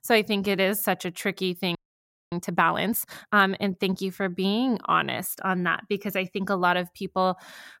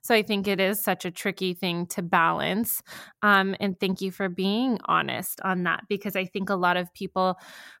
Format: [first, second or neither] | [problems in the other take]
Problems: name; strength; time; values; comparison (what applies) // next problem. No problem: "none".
second | audio freezing; at 2 s for 0.5 s